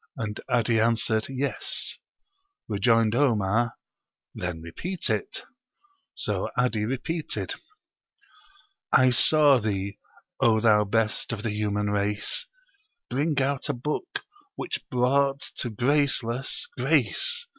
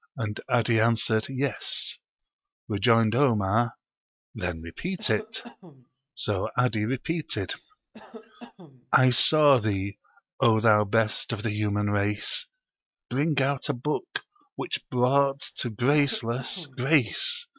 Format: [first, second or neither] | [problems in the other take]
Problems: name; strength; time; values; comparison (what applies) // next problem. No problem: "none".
first | noise reduction (neural mask model RNNoise)